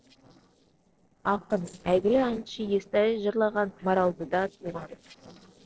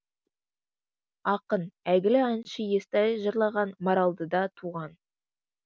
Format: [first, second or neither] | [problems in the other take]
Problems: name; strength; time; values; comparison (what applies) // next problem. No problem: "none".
second | noise reduction (neural separator model SepFormer DNS4)